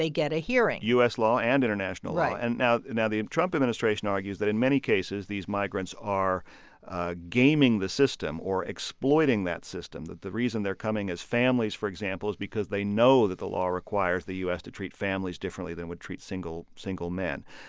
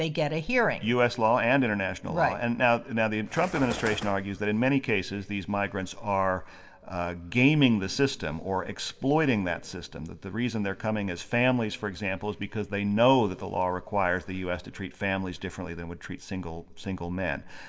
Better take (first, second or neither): first